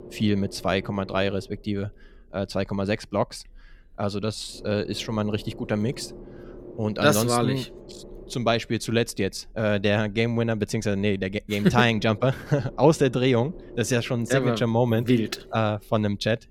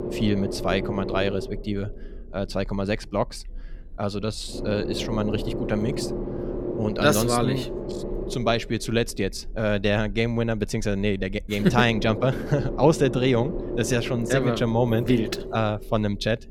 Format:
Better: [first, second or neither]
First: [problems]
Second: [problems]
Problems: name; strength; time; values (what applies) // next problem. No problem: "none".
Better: first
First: low rumble; faint; throughout; 20 dB below the speech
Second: low rumble; loud; throughout; 8 dB below the speech